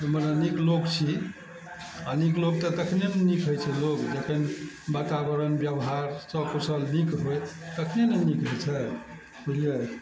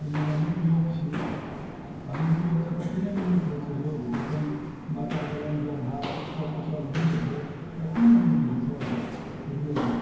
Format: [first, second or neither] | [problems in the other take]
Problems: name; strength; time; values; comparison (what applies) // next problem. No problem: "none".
first | background sound (Walk, footsteps); 9 dB below the speech // room echo; dies away in 0.9 s